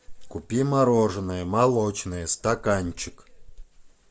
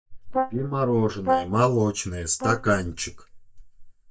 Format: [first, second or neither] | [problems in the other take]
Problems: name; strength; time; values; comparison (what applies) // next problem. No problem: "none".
first | noise reduction (neural mask model DeepFilterNet 3)